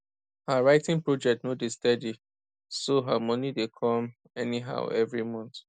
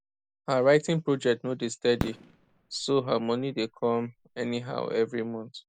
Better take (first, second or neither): first